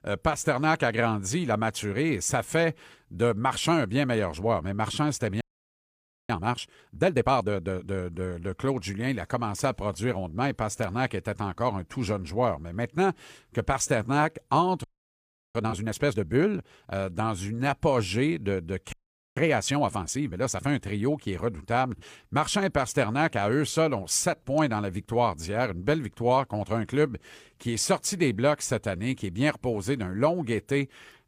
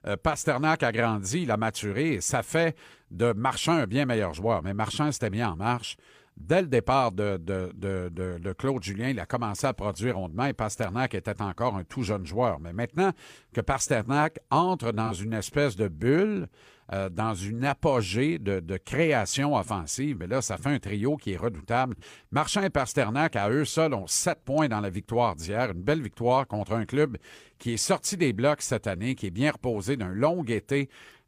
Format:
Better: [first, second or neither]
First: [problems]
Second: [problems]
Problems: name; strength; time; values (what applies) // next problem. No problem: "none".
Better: second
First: audio freezing; at 5.5 s for 1 s, at 15 s for 0.5 s and at 19 s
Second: none